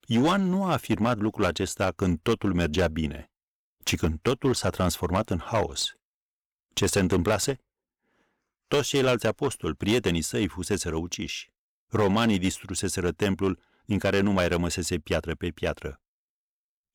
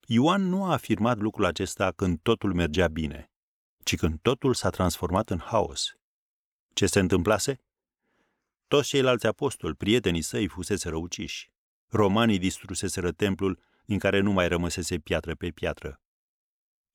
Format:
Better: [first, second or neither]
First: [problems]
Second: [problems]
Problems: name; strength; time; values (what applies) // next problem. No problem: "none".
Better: second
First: distortion; slight; 7% of the sound clipped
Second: none